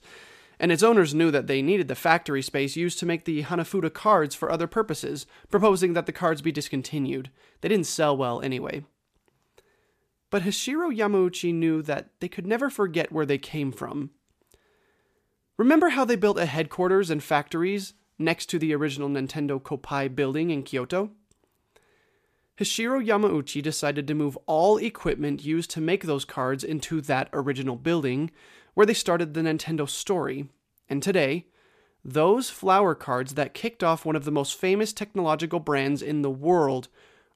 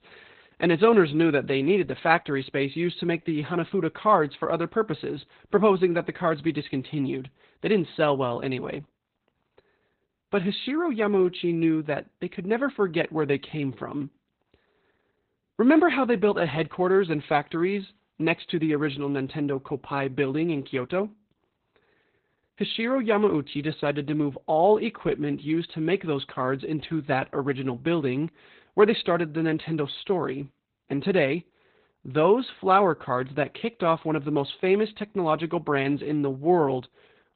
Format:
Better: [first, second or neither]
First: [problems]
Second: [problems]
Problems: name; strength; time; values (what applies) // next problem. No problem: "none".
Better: first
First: none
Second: garbled, watery; badly; nothing above 4 kHz